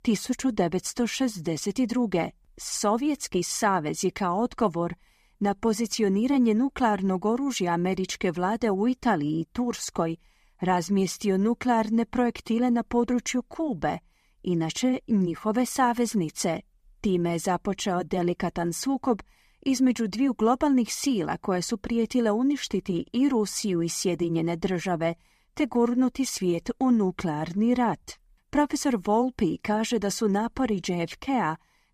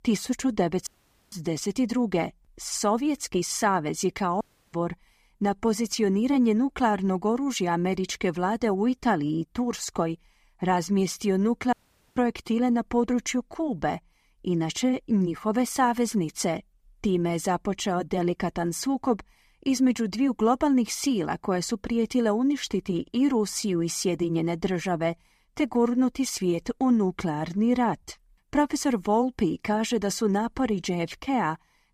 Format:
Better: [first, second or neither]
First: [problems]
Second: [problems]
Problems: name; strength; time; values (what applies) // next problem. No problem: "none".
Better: first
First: none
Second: audio cutting out; at 1 s, at 4.5 s and at 12 s